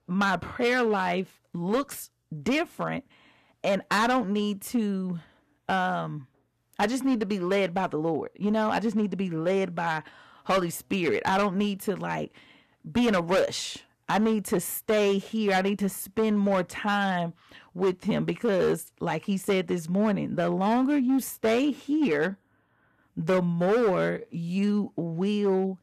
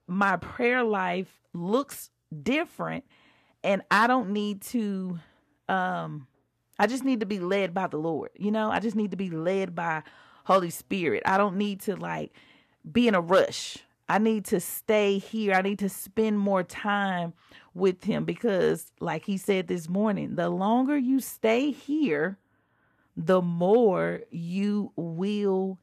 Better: second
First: distortion; slight; 7% of the sound clipped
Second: none

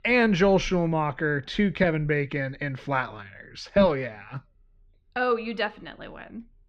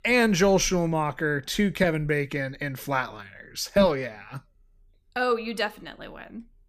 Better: second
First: muffled; slightly; fading above 3.5 kHz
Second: none

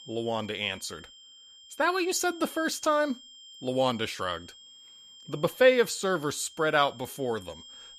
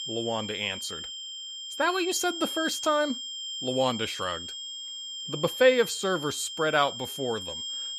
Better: first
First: high-pitched whine; faint; throughout; 3 kHz, 20 dB below the speech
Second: high-pitched whine; loud; throughout; 3 kHz, 7 dB below the speech

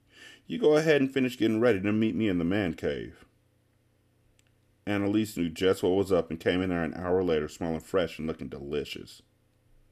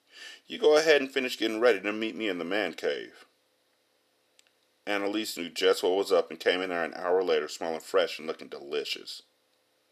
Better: first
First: none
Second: thin; somewhat; fading below 550 Hz

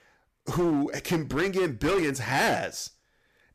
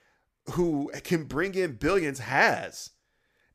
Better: second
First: distortion; heavy; 12% of the sound clipped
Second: none

